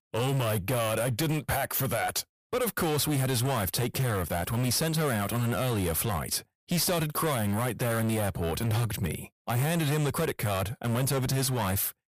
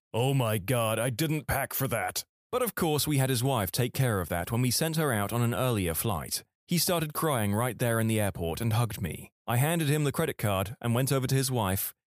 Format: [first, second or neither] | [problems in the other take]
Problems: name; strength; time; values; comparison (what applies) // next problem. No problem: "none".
second | distortion; heavy; 23% of the sound clipped